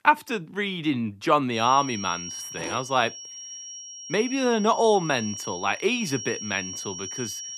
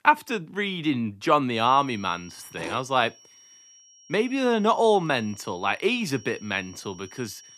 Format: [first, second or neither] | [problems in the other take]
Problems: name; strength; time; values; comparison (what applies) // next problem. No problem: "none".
second | high-pitched whine; loud; from 1.5 s on; 5.5 kHz, 10 dB below the speech; faint in the second